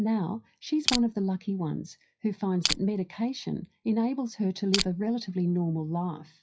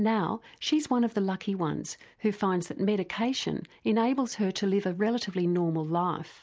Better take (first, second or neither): second